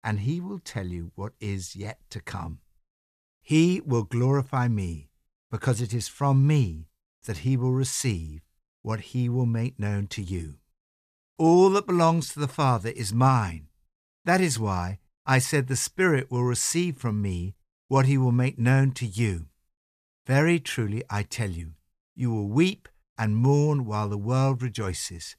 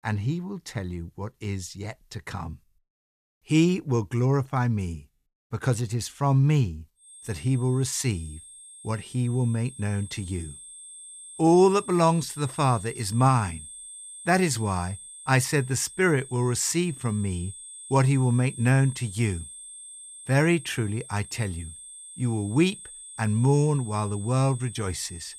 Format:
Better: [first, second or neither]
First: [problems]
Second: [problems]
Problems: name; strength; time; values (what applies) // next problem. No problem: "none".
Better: first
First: none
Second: high-pitched whine; noticeable; from 7 s on; 8.5 kHz, 15 dB below the speech